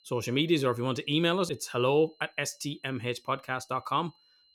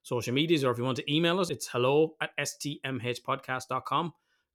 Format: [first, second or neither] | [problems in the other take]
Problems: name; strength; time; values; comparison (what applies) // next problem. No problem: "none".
second | high-pitched whine; faint; throughout; 4 kHz, 30 dB below the speech